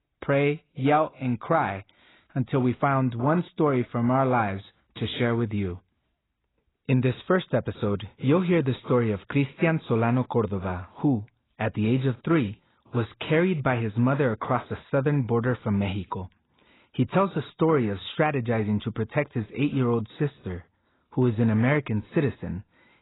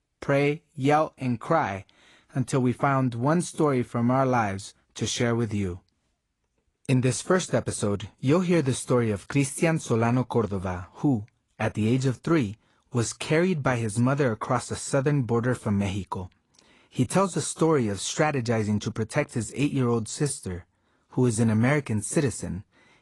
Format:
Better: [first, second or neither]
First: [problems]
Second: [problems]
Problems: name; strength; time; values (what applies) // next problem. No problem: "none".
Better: second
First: garbled, watery; badly; nothing above 4 kHz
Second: garbled, watery; slightly; nothing above 10.5 kHz